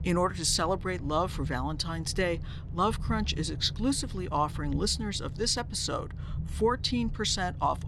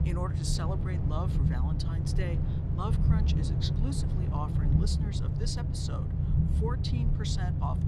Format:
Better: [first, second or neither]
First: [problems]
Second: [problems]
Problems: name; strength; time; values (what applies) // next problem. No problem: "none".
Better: first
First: low rumble; faint; throughout; 20 dB below the speech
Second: low rumble; loud; throughout; 1 dB below the speech